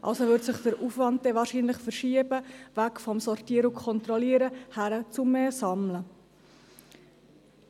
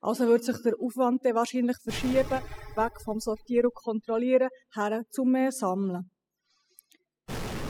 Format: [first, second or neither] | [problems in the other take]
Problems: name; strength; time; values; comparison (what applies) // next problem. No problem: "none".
first | noise reduction (classical method spectral subtraction)